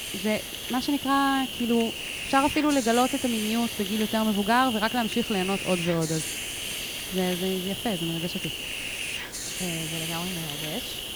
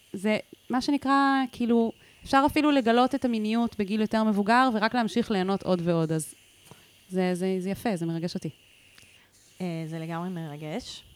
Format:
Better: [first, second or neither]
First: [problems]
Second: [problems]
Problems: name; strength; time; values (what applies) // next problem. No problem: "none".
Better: second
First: hiss; loud; throughout; 4 dB below the speech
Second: hiss; faint; throughout; 30 dB below the speech